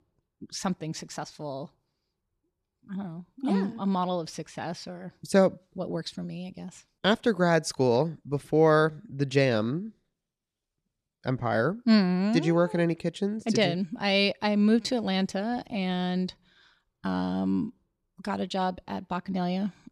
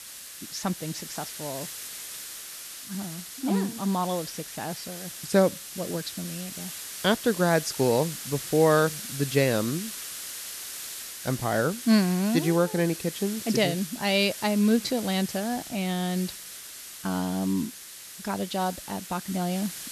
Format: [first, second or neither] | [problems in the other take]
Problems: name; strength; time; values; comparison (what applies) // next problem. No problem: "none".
first | hiss; loud; throughout; 9 dB below the speech